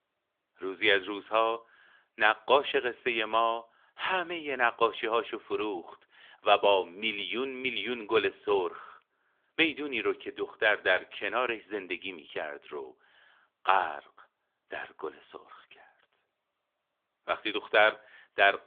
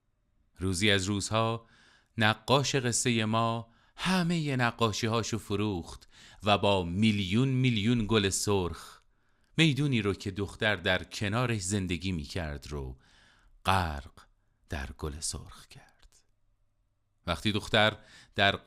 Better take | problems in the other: second | phone-call audio; nothing above 3.5 kHz

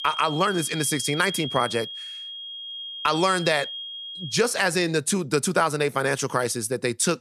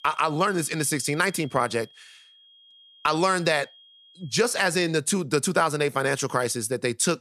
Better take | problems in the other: second | high-pitched whine; loud; until 4.5 s; 3.5 kHz, 9 dB below the speech; faint in the second

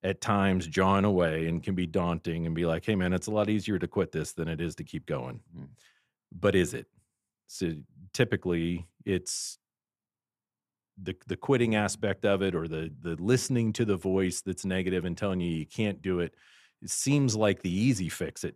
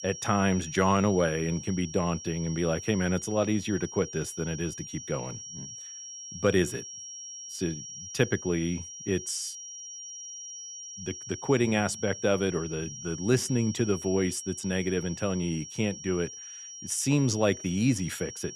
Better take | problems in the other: first | high-pitched whine; noticeable; throughout; 5.5 kHz, 10 dB below the speech

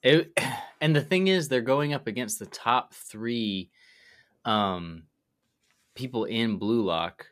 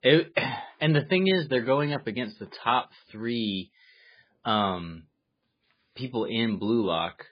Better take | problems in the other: first | garbled, watery; badly

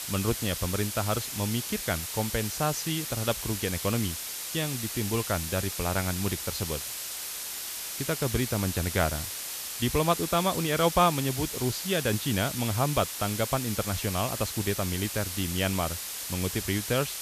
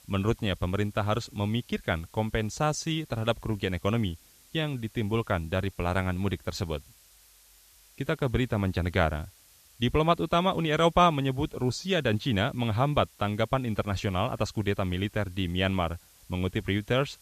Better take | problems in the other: second | hiss; loud; throughout; 3 dB below the speech; faint in the second

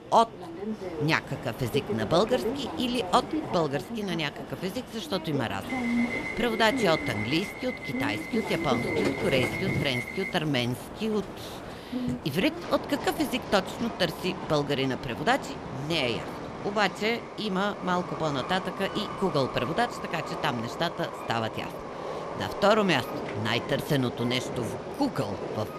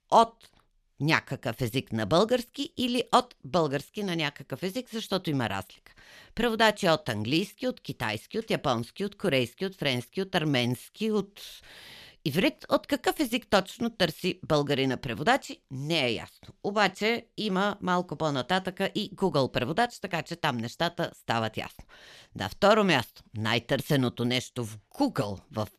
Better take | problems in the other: second | train or aircraft noise; loud; throughout; 5 dB below the speech

